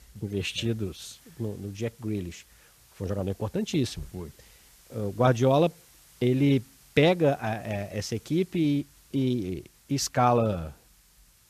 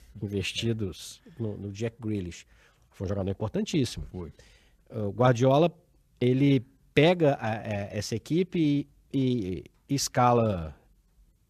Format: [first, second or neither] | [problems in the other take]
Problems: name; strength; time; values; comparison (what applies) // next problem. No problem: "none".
second | hiss; faint; throughout; 30 dB below the speech